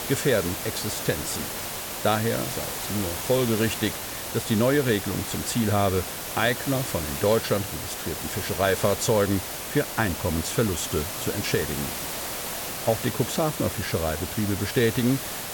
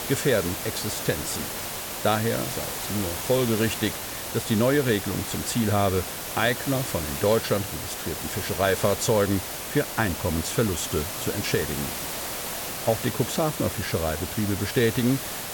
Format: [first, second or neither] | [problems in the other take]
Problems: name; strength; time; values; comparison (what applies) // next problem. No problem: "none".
neither | hiss; loud; throughout; 4 dB below the speech; the same in both